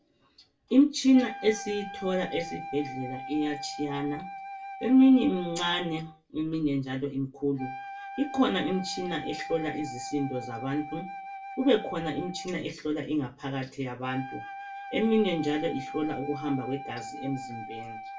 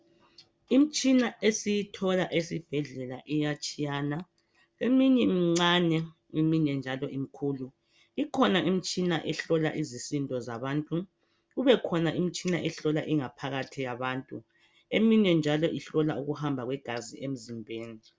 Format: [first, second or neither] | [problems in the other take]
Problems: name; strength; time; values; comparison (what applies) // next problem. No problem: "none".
second | background sound (Wind instrument, woodwind instrument); 12 dB below the speech // room echo; dies away in 0.2 s